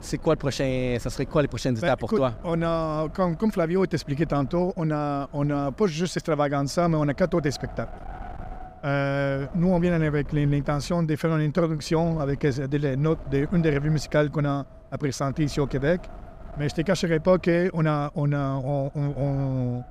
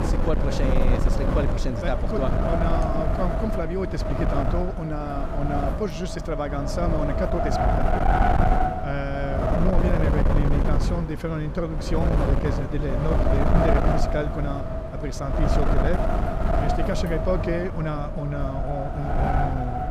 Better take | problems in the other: first | wind noise on the microphone; heavy; 3 dB above the speech; occasional gusts in the first

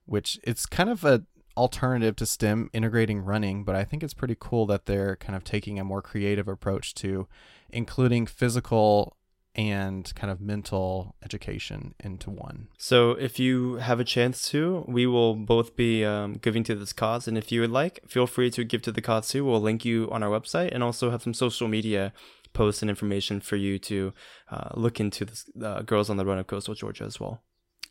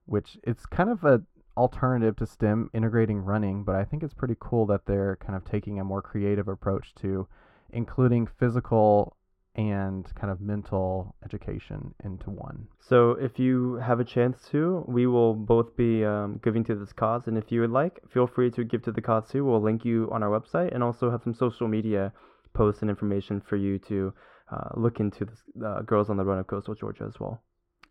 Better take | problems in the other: first | muffled; very; fading above 2.5 kHz

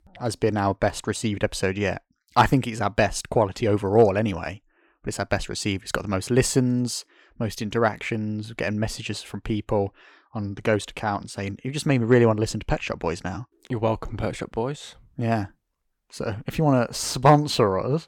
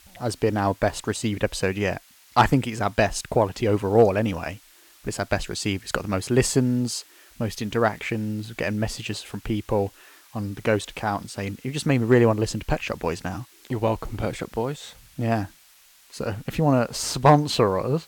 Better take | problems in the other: first | hiss; faint; throughout; 25 dB below the speech

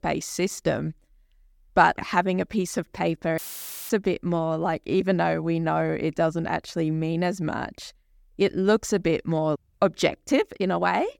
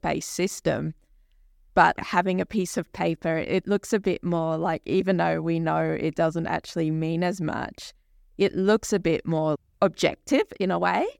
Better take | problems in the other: second | audio cutting out; filled with static; at 3.5 s for 0.5 s

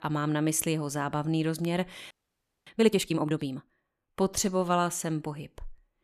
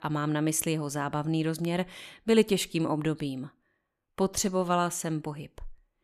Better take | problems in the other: second | audio freezing; at 2 s for 0.5 s

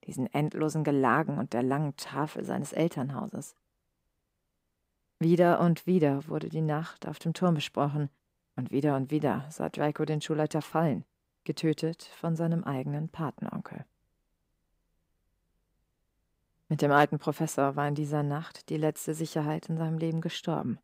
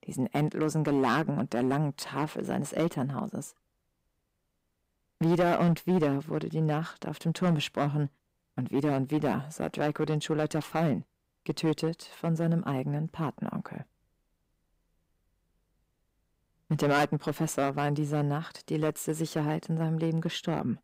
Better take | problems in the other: first | distortion; slight; 3% of the sound clipped

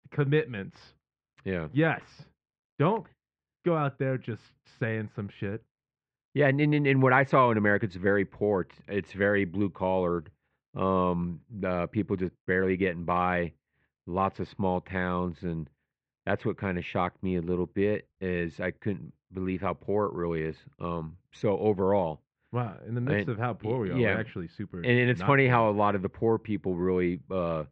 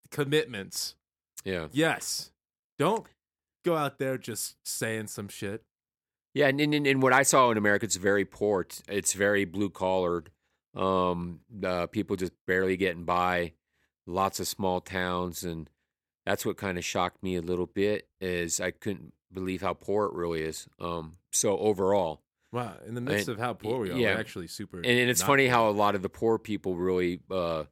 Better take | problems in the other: second | muffled; very; fading above 2.5 kHz

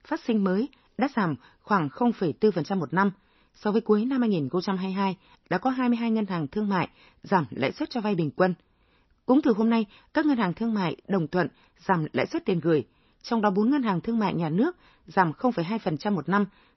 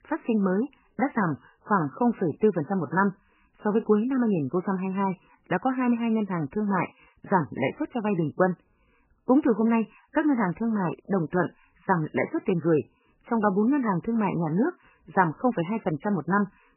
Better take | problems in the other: first | garbled, watery; badly; nothing above 3 kHz; slightly in the first

